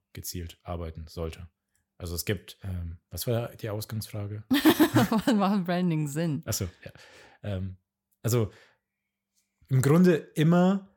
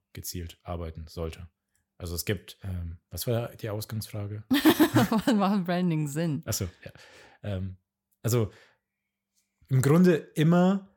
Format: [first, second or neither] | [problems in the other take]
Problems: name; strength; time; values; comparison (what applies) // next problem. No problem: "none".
neither | none